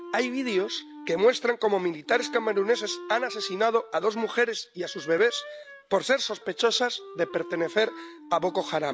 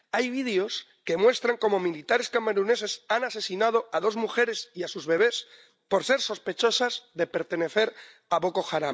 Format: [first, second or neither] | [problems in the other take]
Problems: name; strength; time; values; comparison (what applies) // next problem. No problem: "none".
second | background sound (Wind instrument, woodwind instrument); 16 dB below the speech